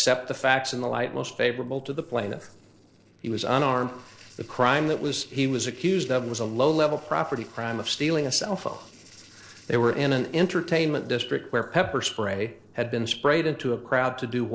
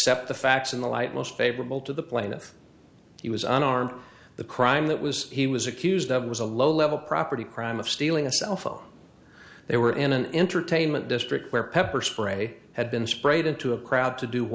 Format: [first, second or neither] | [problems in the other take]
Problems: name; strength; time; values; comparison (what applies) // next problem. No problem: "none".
second | noise reduction (neural separator model SepFormer DNS4)